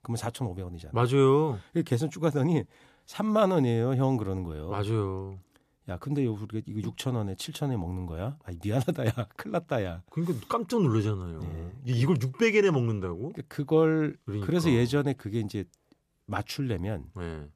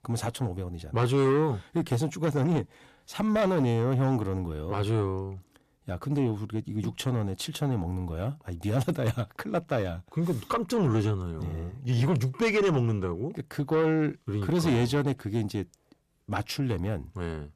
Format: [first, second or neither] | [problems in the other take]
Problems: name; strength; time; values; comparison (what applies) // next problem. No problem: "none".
first | distortion; slight; 10 dB below the speech